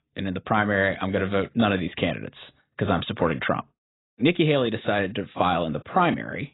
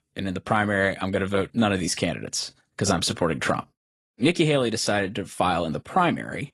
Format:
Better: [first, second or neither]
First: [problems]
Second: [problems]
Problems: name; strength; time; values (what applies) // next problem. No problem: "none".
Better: second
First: garbled, watery; badly; nothing above 4 kHz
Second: garbled, watery; slightly; nothing above 11 kHz